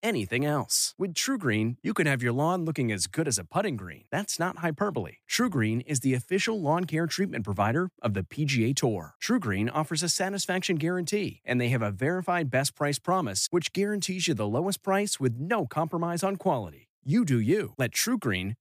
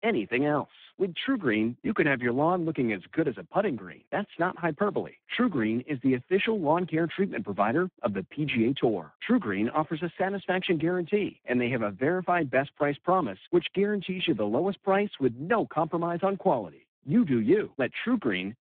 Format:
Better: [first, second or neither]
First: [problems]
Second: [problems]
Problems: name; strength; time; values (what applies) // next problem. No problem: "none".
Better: first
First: none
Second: phone-call audio; poor line